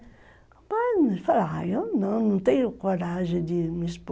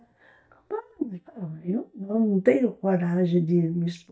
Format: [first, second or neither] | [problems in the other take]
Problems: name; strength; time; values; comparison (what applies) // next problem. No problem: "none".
first | noise reduction (neural mask model DeepFilterNet 3)